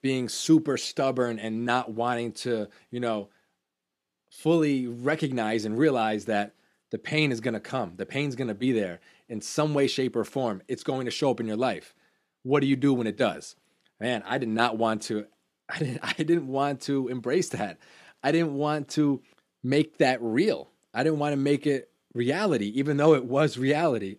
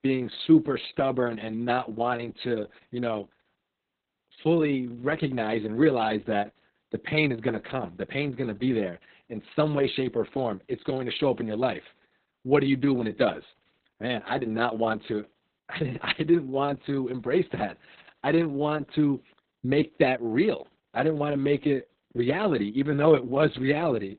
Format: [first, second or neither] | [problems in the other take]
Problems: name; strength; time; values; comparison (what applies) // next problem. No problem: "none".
first | garbled, watery; badly; nothing above 4 kHz